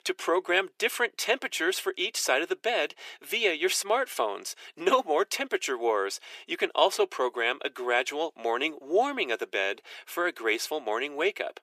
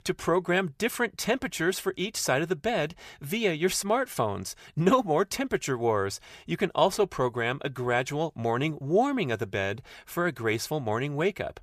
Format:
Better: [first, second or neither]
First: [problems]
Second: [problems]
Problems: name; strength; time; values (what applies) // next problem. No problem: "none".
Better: second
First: thin; somewhat; fading below 300 Hz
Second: none